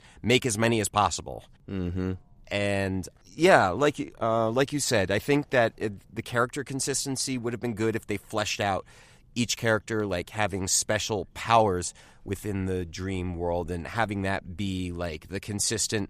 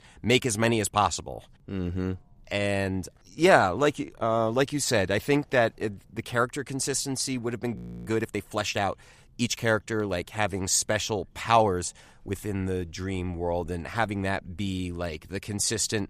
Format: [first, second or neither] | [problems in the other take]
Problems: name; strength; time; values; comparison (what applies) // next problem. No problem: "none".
first | audio freezing; at 8 s